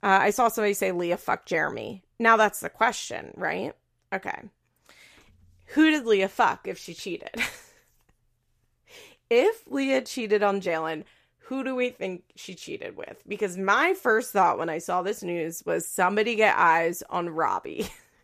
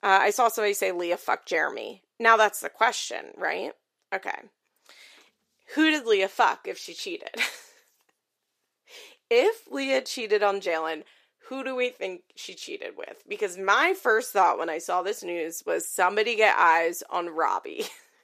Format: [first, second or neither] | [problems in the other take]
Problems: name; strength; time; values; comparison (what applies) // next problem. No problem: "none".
first | thin; somewhat; fading below 350 Hz